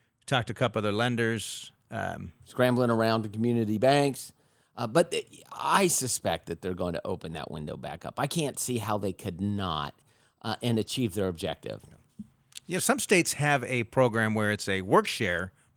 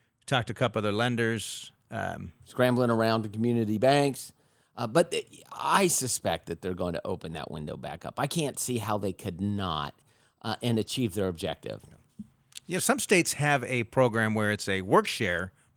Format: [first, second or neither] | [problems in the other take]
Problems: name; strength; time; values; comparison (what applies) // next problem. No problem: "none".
neither | garbled, watery; slightly; the same in both